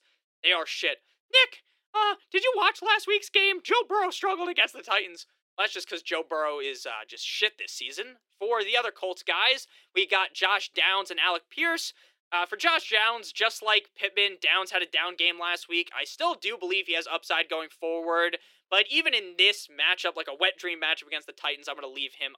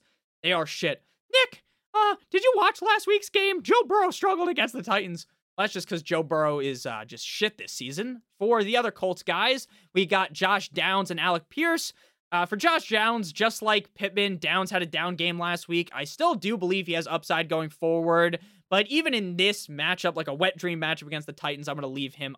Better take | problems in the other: second | thin; very; fading below 350 Hz

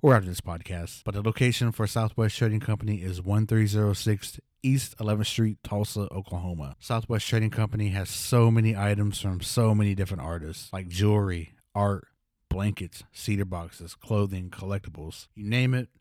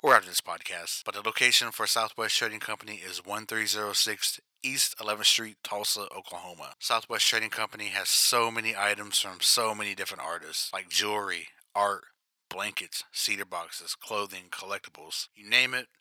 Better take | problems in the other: first | thin; very; fading below 950 Hz

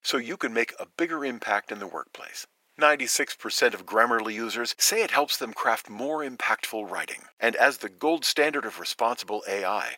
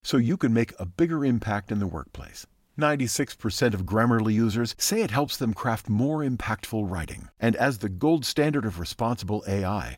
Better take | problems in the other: second | thin; very; fading below 450 Hz

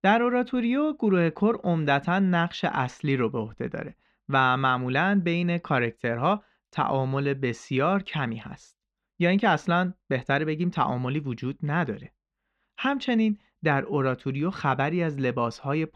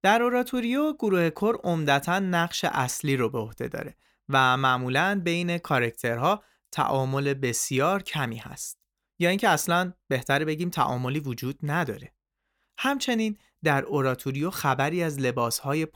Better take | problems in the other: second | muffled; slightly; fading above 3.5 kHz

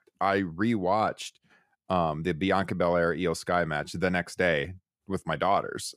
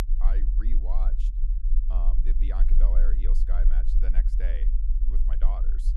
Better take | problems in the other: first | low rumble; loud; throughout; 6 dB below the speech

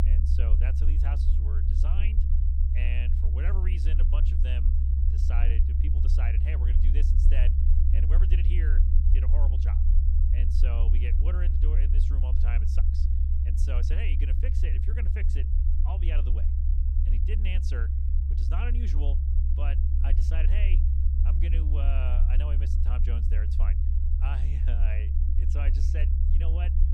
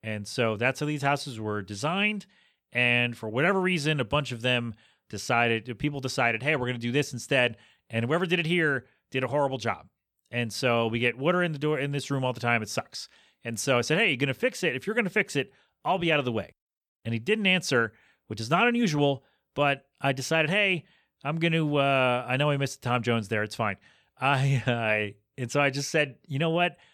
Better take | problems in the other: second | low rumble; loud; throughout; 1 dB below the speech

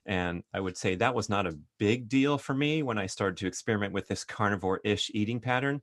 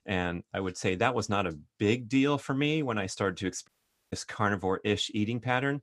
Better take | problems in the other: first | audio cutting out; at 3.5 s

